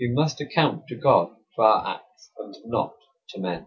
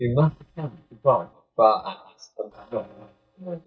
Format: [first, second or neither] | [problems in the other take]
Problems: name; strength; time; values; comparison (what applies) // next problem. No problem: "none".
first | noise reduction (neural mask model DeepFilterNet 3)